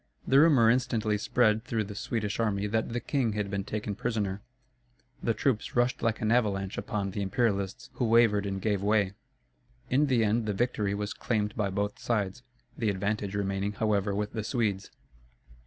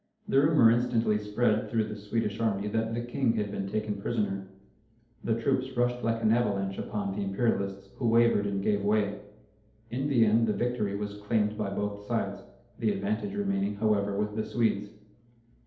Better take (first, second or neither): first